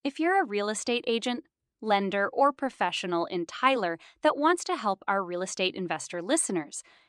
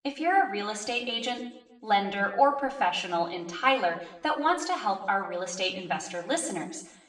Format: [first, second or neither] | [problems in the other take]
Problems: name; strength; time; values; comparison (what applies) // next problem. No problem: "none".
first | room echo; slight; dies away in 0.7 s // off-mic speech; far